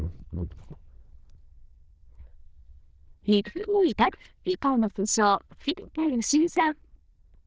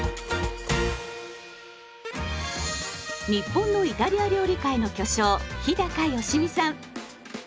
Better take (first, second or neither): second